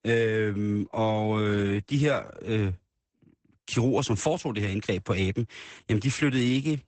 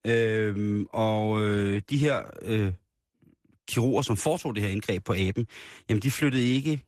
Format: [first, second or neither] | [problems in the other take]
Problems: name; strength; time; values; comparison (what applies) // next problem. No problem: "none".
second | garbled, watery; badly; nothing above 8 kHz; slightly in the second